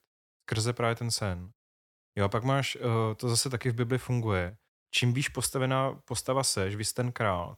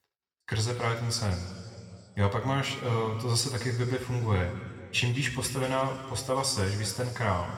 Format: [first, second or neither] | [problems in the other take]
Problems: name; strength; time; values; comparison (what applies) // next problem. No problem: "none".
first | room echo; slight; dies away in 2.2 s